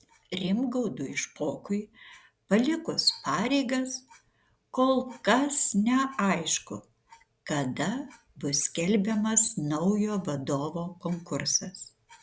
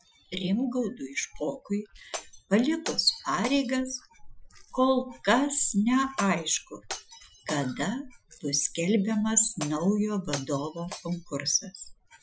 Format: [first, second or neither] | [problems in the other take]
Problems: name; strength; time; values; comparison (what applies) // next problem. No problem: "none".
first | noise reduction (classical method Wiener filter)